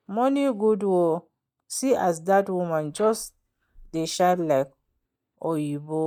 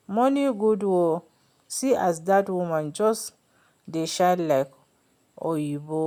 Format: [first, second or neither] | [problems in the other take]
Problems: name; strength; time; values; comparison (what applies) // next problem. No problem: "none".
second | noise reduction (neural mask model DeepFilterNet 3)